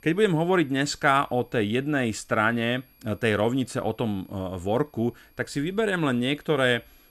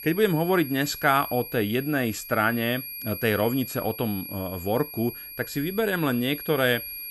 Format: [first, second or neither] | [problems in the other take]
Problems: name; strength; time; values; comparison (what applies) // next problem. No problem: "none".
first | high-pitched whine; loud; throughout; 11.5 kHz, 10 dB below the speech; faint in the first